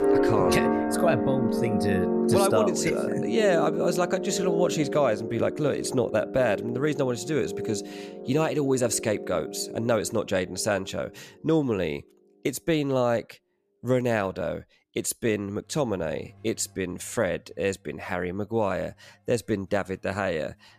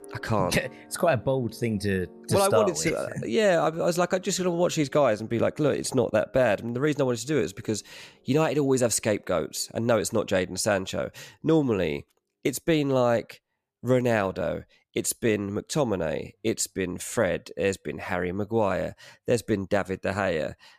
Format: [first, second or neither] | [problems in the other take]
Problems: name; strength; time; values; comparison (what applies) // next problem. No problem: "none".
second | background music; loud; throughout; 2 dB below the speech; faint in the second